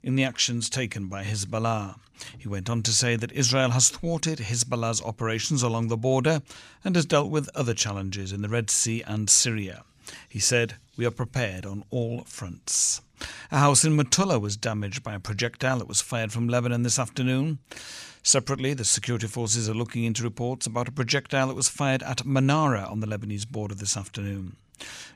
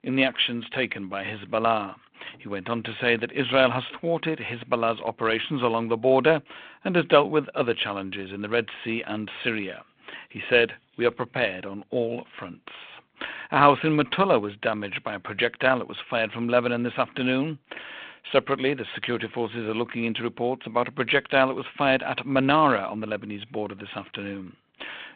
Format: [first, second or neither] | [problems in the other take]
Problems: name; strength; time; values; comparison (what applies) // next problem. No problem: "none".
first | phone-call audio